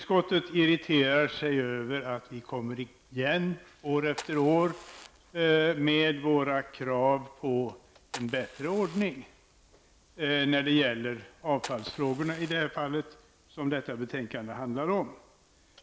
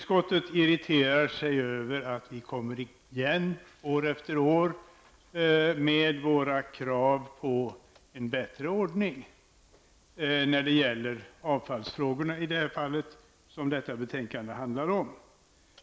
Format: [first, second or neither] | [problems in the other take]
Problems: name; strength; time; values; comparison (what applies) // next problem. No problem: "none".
second | background sound (Fire); 17 dB below the speech